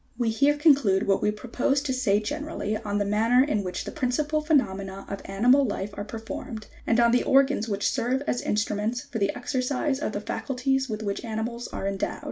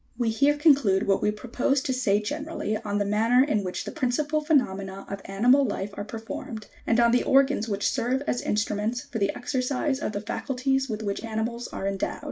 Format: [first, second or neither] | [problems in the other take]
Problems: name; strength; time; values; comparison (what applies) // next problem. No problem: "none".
first | noise reduction (neural mask model Resemble Enhance denoiser)